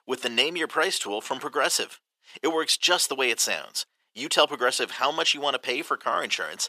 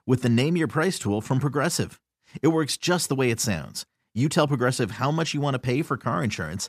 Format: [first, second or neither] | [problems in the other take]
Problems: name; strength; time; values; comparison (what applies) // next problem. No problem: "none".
second | thin; very; fading below 450 Hz